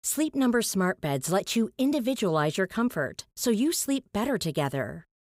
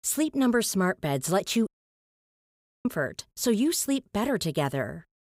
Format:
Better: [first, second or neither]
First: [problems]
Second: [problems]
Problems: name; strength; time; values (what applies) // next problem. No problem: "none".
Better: first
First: none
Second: audio cutting out; at 1.5 s for 1 s